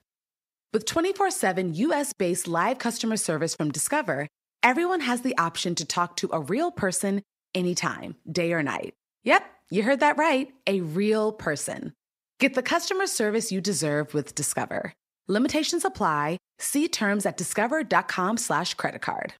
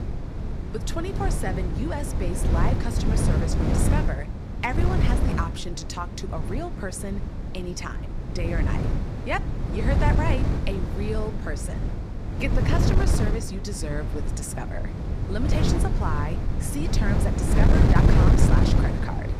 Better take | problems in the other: first | wind noise on the microphone; heavy; 1 dB below the speech

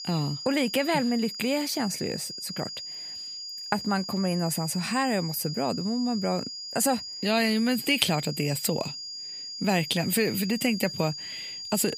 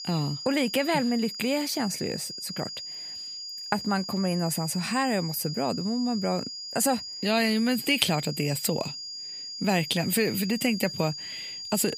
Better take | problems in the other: neither | high-pitched whine; loud; throughout; 5 kHz, 8 dB below the speech; the same in both

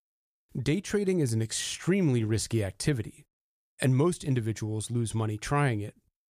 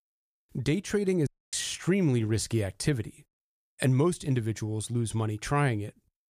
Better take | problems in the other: first | audio cutting out; at 1.5 s

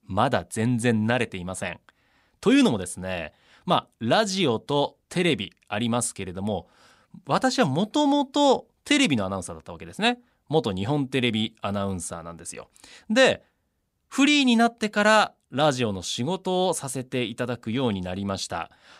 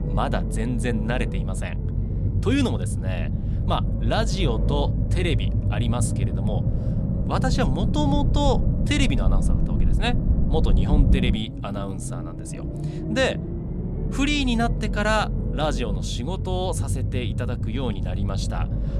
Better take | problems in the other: first | low rumble; loud; throughout; 8 dB below the speech

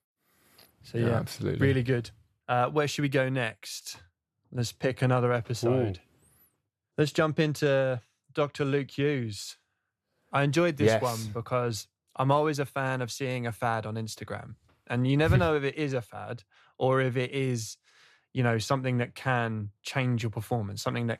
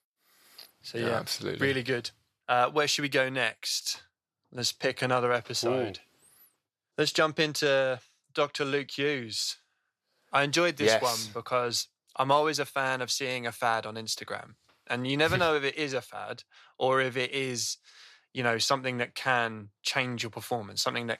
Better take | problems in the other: first | thin; somewhat; fading below 650 Hz

